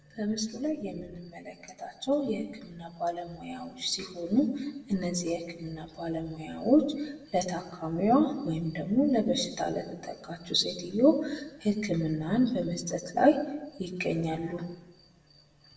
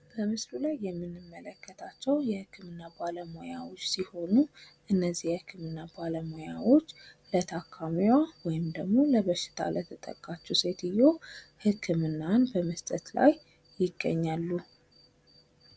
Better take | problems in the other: second | room echo; dies away in 0.7 s

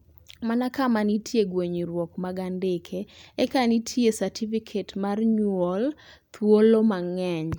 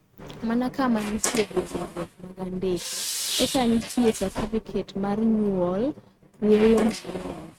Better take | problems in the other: first | noise reduction (neural mask model RNNoise)

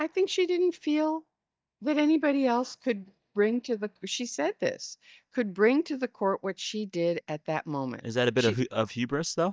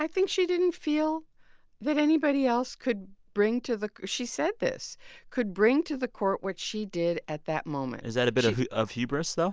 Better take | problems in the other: second | noise reduction (neural mask model DeepFilterNet 3)

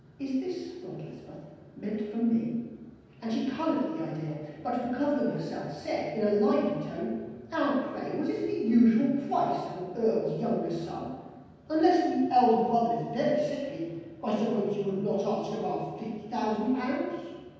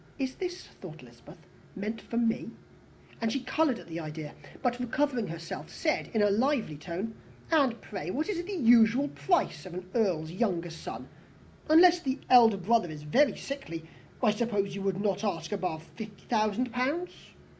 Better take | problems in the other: second | room echo; dies away in 1.2 s

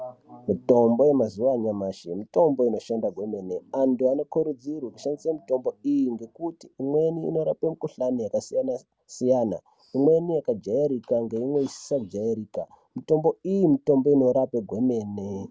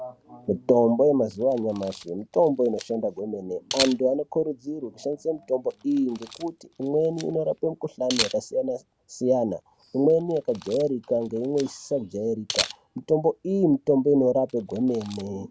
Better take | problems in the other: first | background sound (Camera); 14 dB below the speech

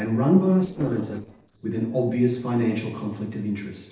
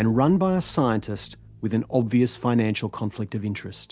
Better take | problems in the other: second | noise reduction (neural separator model SepFormer DNS4)

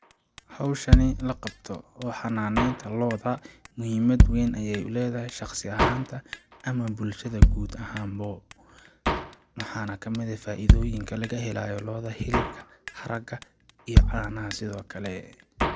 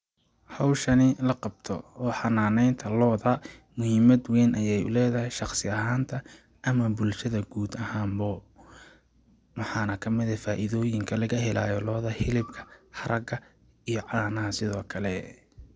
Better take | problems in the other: second | background sound (Drum kit); 4 dB above the speech

